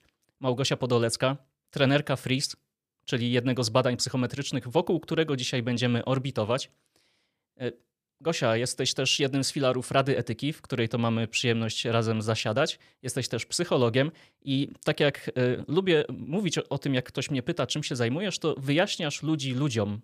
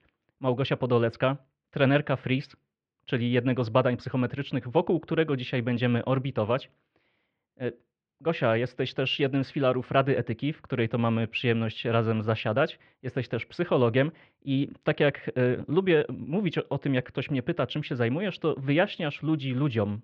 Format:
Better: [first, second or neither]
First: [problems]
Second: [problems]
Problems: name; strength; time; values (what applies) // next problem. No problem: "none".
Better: first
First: none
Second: muffled; very; fading above 3 kHz